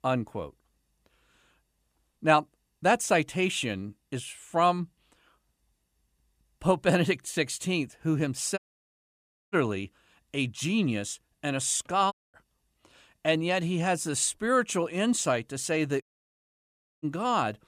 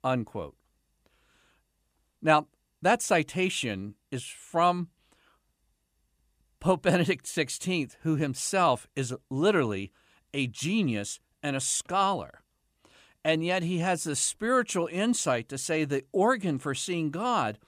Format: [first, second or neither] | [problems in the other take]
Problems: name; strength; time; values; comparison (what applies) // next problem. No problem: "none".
second | audio cutting out; at 8.5 s for 1 s, at 12 s and at 16 s for 1 s